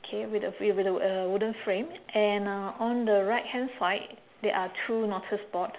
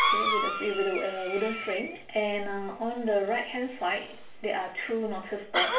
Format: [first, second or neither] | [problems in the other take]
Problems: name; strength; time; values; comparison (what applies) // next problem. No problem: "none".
first | background sound (Cough); 2 dB below the speech // room echo; dies away in 0.3 s